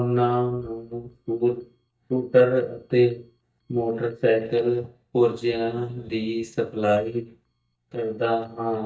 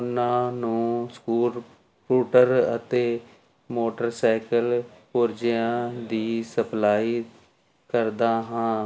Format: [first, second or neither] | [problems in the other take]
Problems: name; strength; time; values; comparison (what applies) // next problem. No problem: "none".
second | noise reduction (neural mask model DeepFilterNet 3)